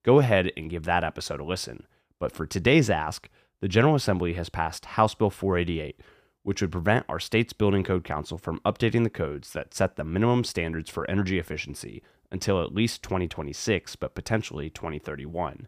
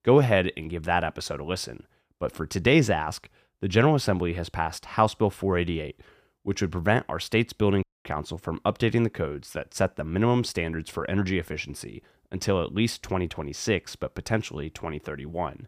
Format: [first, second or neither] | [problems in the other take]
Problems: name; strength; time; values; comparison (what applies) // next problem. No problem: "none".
first | audio cutting out; at 8 s